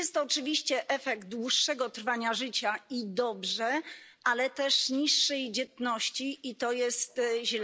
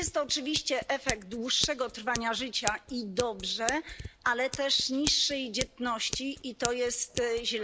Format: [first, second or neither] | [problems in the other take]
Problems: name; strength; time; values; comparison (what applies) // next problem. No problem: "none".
first | background sound (Scissors); 10 dB below the speech